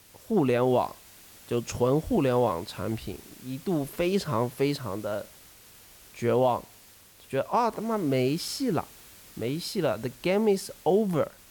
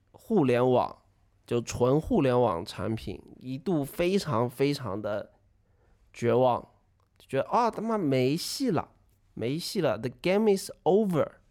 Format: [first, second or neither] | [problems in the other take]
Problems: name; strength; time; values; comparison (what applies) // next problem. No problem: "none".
second | hiss; faint; throughout; 20 dB below the speech